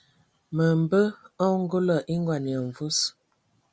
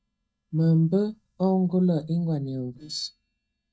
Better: first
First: none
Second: noise reduction (neural mask model DeepFilterNet 3)

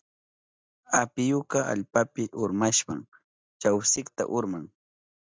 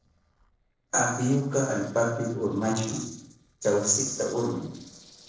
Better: first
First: none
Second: noise reduction (neural separator model SepFormer DNS4)

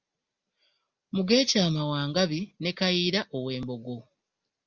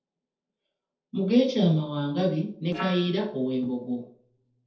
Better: first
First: none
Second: noise reduction (neural separator model SepFormer DNS4)

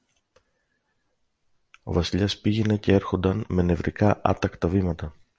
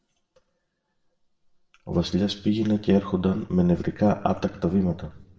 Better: first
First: none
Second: room echo; dies away in 0.8 s

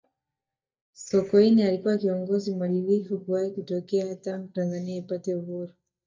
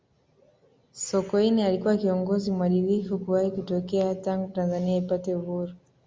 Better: second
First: noise reduction (neural mask model DeepFilterNet 3)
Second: none

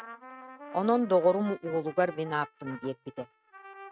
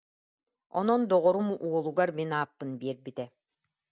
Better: second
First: noise reduction (neural mask model RNNoise)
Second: none

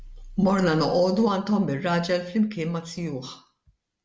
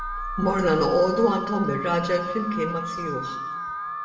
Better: first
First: none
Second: background sound (Alarm); 6 dB below the speech // room echo; dies away in 1.3 s

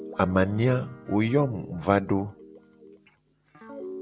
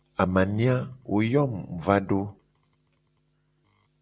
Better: second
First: background sound (Guitar); 16 dB below the speech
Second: none

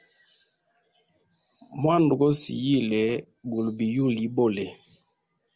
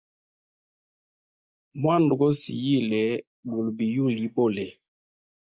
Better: first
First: none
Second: noise reduction (neural mask model Resemble Enhance denoiser)

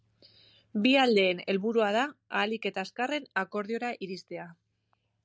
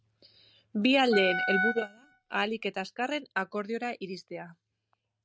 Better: first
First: none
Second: noise reduction (neural mask model RNNoise)

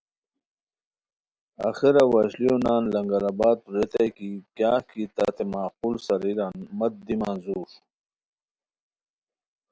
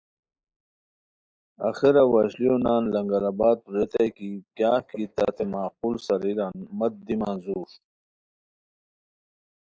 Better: first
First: none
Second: noise reduction (neural mask model Resemble Enhance denoiser)

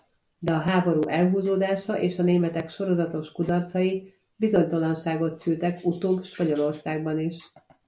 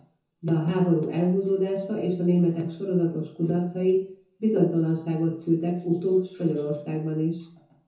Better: first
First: none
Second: room echo; dies away in 0.6 s

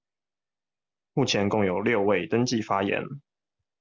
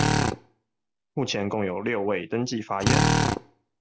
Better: first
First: none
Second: background sound (Drill); 3 dB above the speech

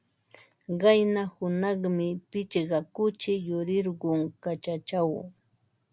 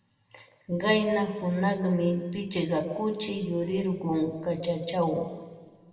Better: first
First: none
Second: room echo; dies away in 1.7 s

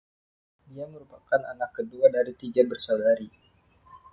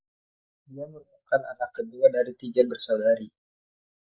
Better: first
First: none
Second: noise reduction (neural mask model Resemble Enhance denoiser)

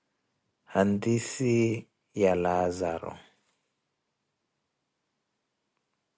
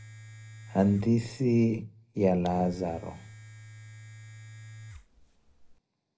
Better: first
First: none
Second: background sound (Domestic sounds, home sounds); 18 dB below the speech // room echo; dies away in 0.5 s

